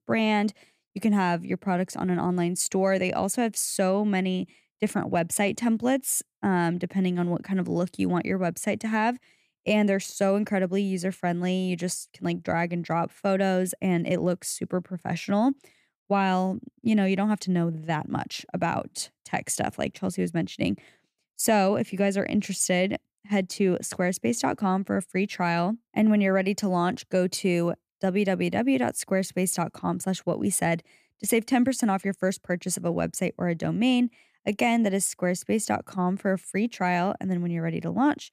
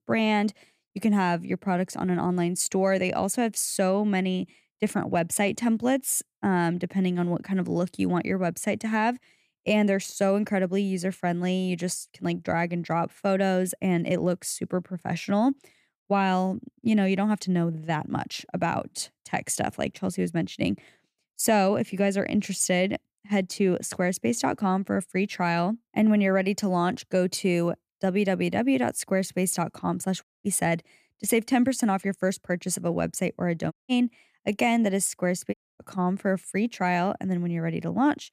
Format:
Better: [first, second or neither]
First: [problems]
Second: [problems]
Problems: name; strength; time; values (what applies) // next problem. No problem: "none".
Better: first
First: none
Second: audio cutting out; at 30 s, at 34 s and at 36 s